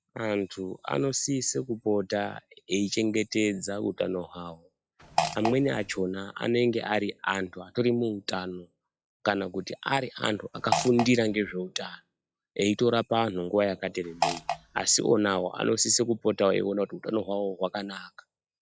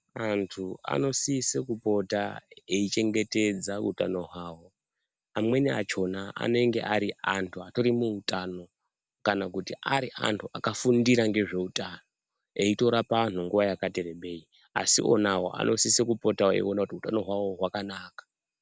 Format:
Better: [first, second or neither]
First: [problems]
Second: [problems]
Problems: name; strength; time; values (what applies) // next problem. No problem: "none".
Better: second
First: noise reduction (classical method log-MMSE)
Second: none